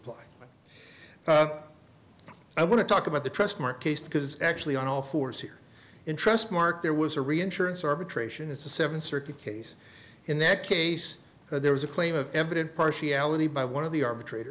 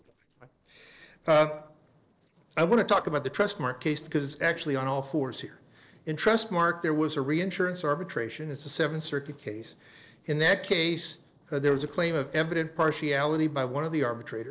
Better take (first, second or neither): first